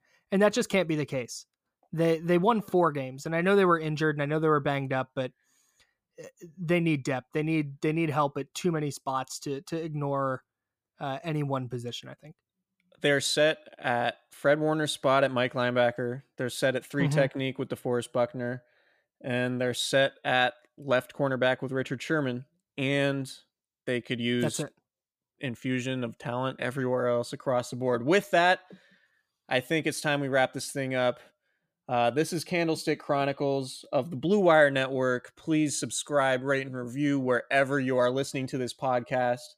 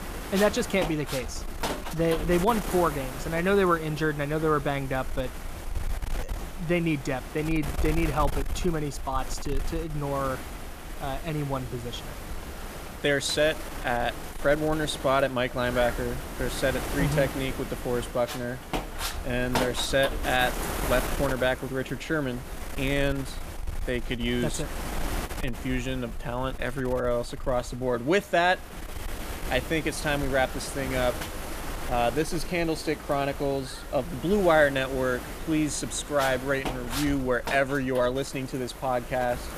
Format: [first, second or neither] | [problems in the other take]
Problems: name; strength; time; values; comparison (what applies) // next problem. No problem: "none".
first | wind noise on the microphone; heavy; 10 dB below the speech